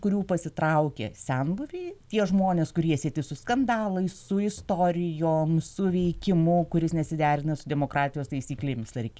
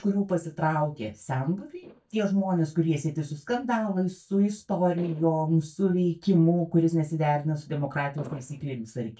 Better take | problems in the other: first | noise reduction (neural mask model DeepFilterNet 3)

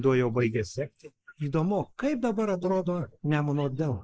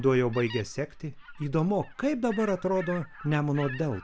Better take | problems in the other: second | noise reduction (neural mask model Resemble Enhance denoiser)

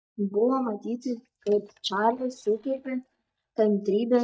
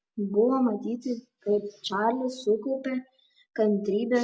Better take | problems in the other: second | noise reduction (neural mask model DeepFilterNet 3)

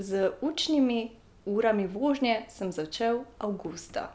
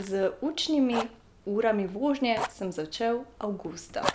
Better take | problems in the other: first | background sound (Fire); 10 dB below the speech

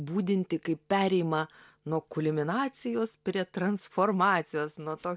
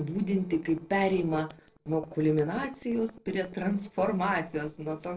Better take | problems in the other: first | noise reduction (neural separator model SepFormer DNS4)

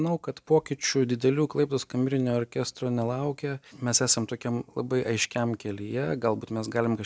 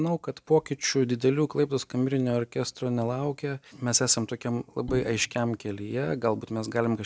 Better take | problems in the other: first | background sound (Bowed string instrument); 14 dB below the speech

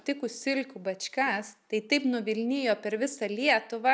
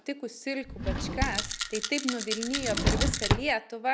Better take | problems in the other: first | background sound (Rattle + Drawer open or close); 3 dB above the speech

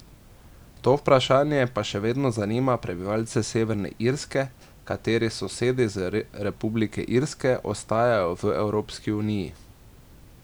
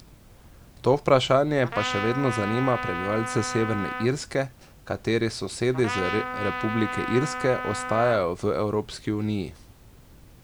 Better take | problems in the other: first | background sound (Trumpet); 6 dB below the speech

